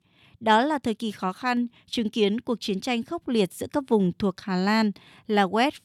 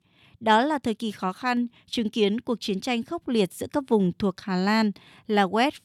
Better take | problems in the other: neither | none

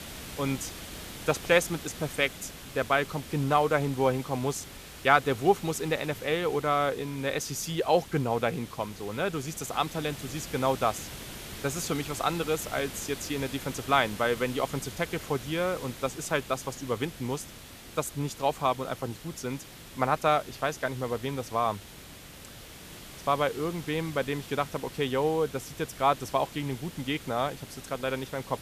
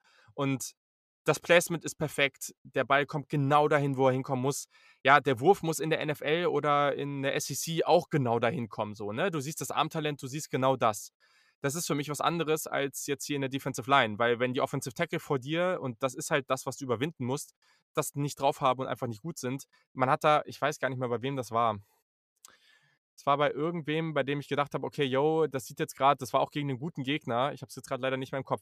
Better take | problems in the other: second | hiss; noticeable; throughout; 15 dB below the speech

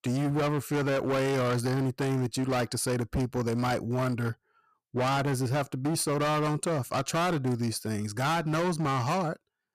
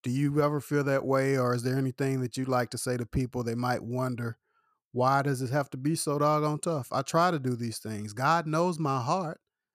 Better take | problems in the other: second | distortion; heavy; 27% of the sound clipped

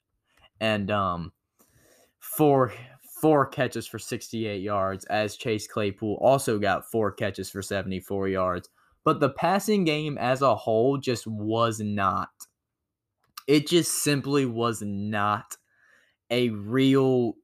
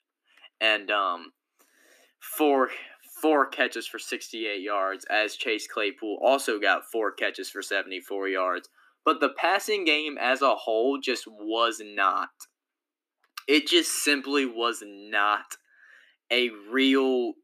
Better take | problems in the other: first | thin; very slightly; fading below 250 Hz

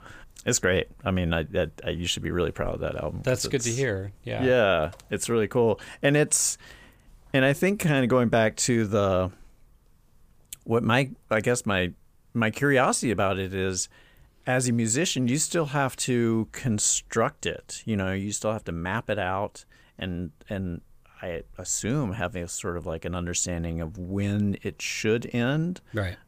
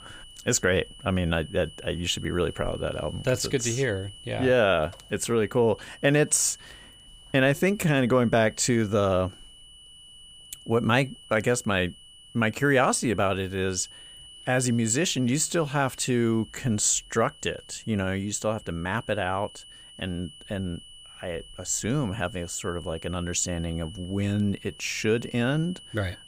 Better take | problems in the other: first | high-pitched whine; noticeable; throughout; 3 kHz, 20 dB below the speech

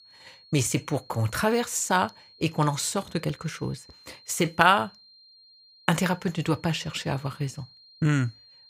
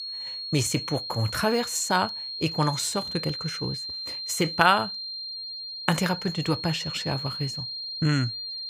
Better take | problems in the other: first | high-pitched whine; loud; throughout; 4 kHz, 5 dB below the speech; faint in the first

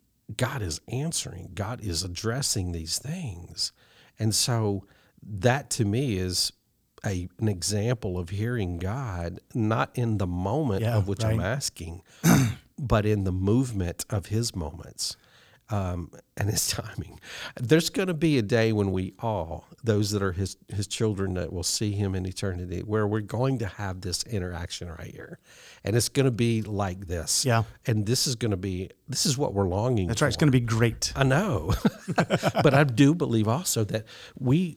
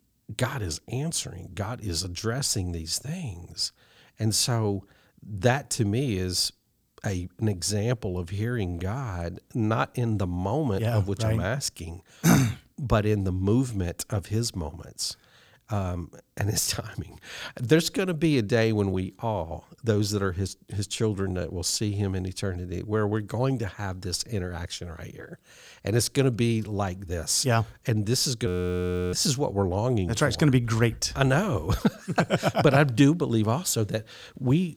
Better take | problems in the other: first | audio freezing; at 28 s for 0.5 s

